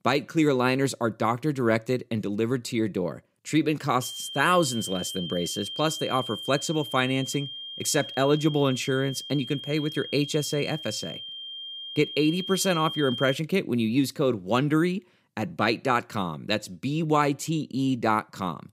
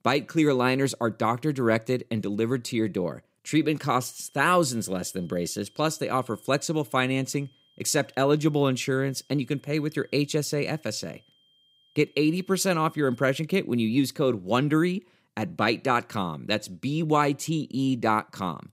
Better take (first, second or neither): second